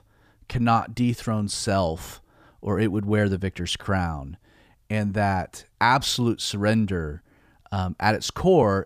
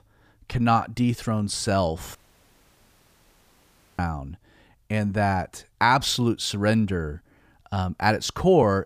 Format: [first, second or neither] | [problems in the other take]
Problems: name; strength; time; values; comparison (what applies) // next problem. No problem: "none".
first | audio cutting out; at 2 s for 2 s